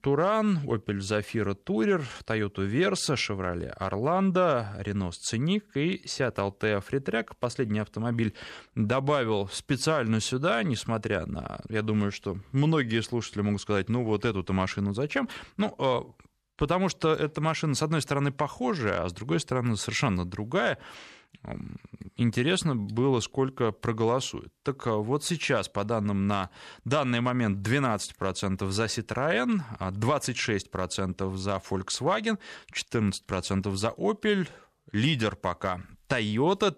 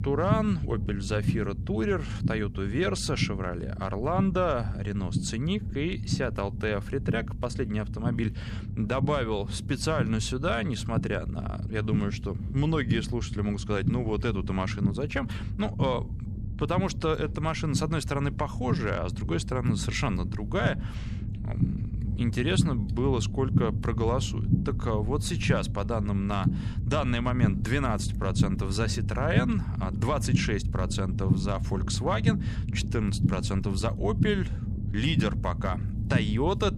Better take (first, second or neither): first